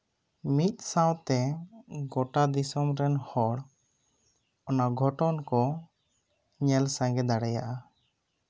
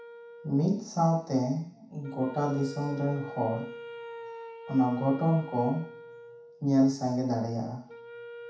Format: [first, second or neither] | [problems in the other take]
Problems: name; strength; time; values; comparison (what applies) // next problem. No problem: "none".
first | background sound (Wind instrument, woodwind instrument); 15 dB below the speech // room echo; dies away in 0.7 s